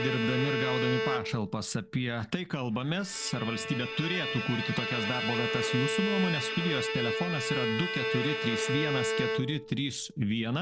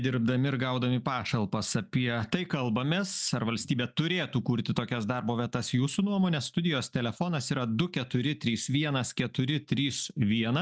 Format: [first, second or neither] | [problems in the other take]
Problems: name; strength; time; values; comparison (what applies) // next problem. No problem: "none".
second | background sound (Bowed string instrument); 2 dB below the speech